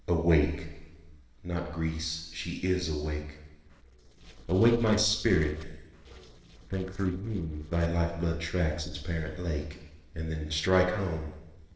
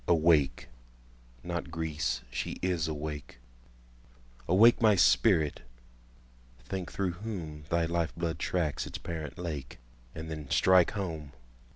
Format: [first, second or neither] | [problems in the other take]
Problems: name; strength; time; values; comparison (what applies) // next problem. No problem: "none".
second | noise reduction (neural separator model SepFormer DNS4)